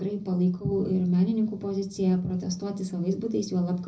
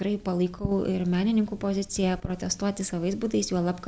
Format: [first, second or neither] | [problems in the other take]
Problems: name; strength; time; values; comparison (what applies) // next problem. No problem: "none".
second | room echo; dies away in 0.4 s